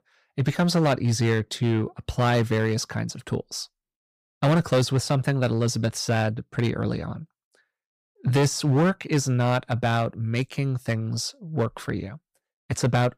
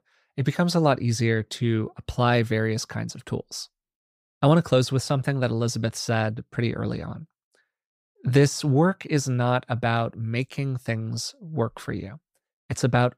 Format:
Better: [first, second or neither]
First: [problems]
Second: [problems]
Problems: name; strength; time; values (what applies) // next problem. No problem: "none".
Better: second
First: distortion; slight; 5% of the sound clipped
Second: none